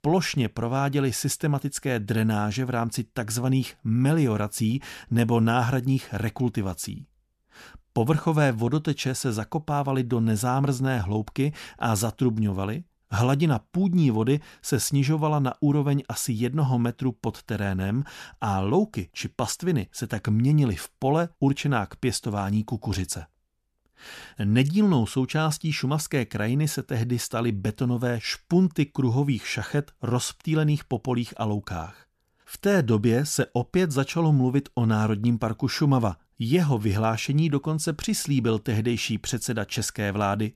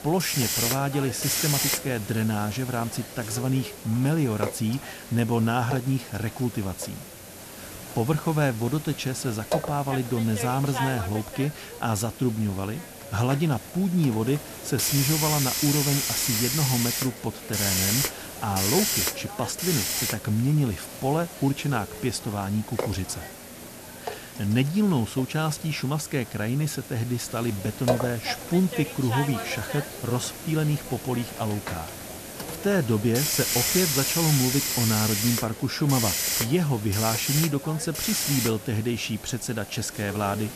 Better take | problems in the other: first | hiss; loud; throughout; 2 dB below the speech

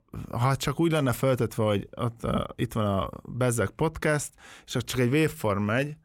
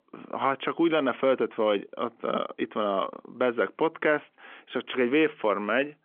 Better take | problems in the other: first | phone-call audio; nothing above 3.5 kHz

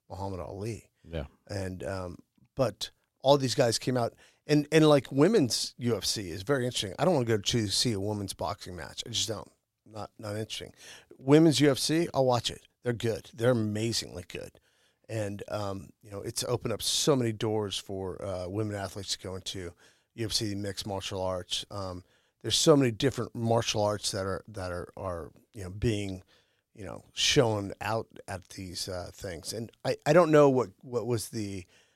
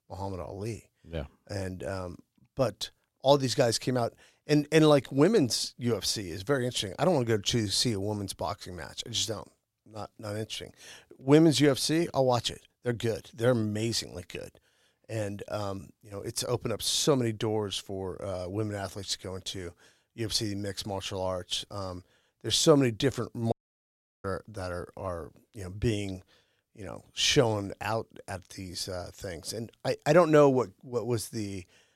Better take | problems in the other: first | audio cutting out; at 24 s for 0.5 s

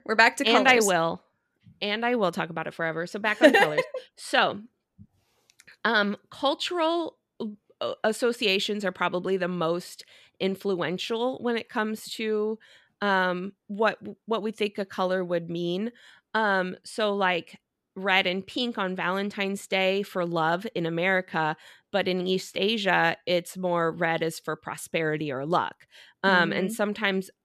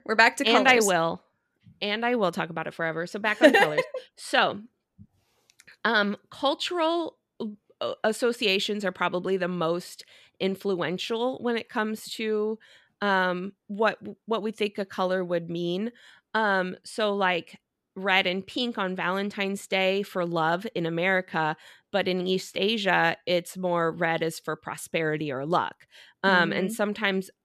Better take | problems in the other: neither | none

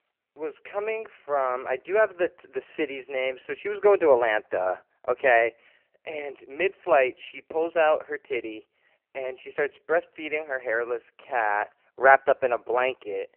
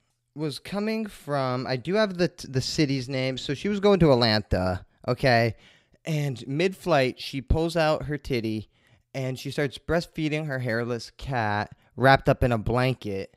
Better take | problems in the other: second | phone-call audio; poor line; nothing above 3 kHz

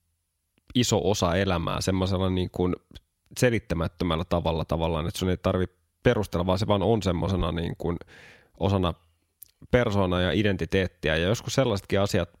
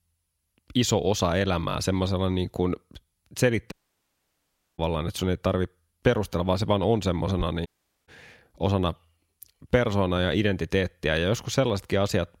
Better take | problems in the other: first | audio cutting out; at 3.5 s for 1 s and at 7.5 s

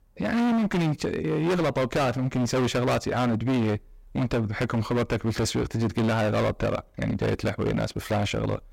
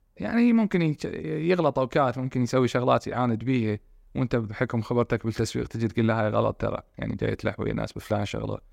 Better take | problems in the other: second | distortion; heavy; 24% of the sound clipped

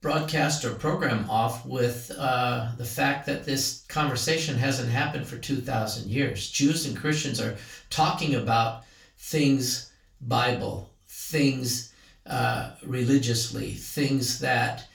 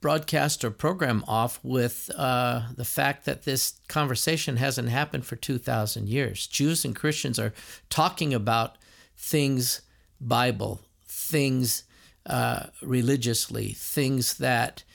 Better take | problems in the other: second | room echo; slight; dies away in 0.3 s // off-mic speech; far

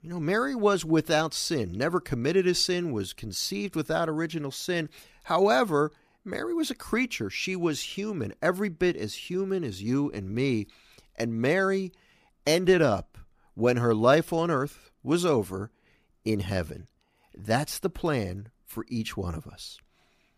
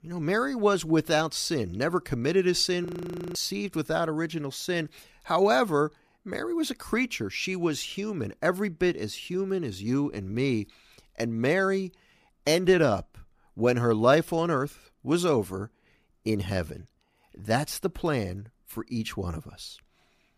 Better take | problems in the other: first | audio freezing; at 3 s for 0.5 s

